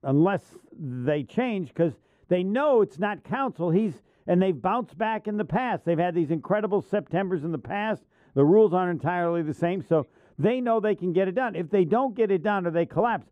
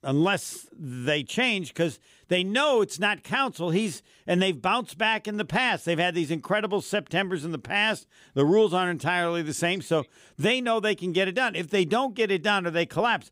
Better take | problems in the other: second | muffled; very; fading above 2 kHz

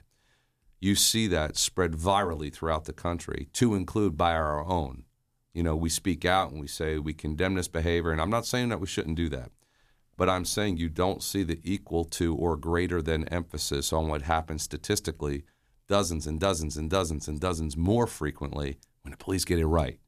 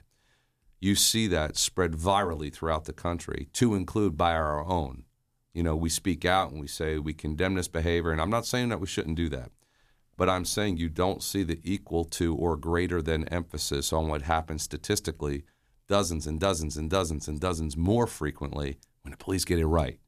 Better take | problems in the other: neither | none

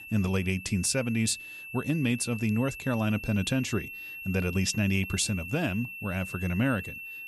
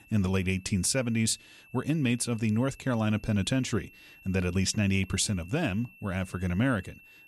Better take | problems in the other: second | high-pitched whine; loud; throughout; 2.5 kHz, 10 dB below the speech; faint in the second

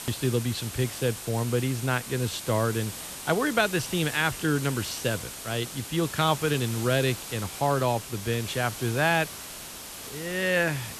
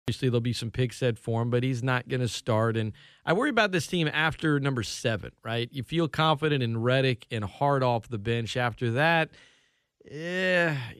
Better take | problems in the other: second | hiss; loud; throughout; 9 dB below the speech

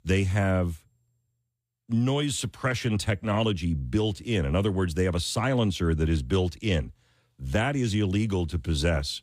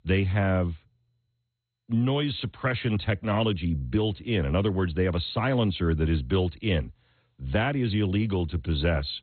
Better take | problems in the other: first | garbled, watery; badly; nothing above 4 kHz

